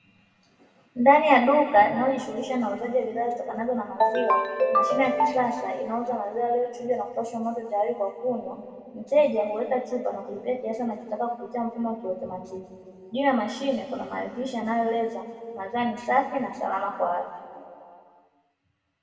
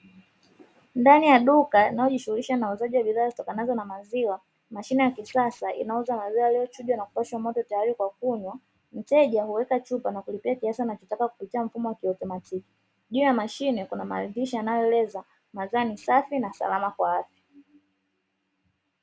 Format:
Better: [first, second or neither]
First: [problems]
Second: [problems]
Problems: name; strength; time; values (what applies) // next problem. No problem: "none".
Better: second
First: background sound (Ringtone); 1 dB above the speech // room echo; dies away in 2.1 s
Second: none